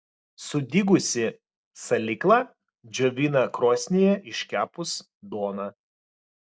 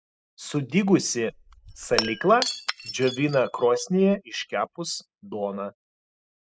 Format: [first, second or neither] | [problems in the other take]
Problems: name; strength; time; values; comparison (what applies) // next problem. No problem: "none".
first | noise reduction (classical method spectral subtraction)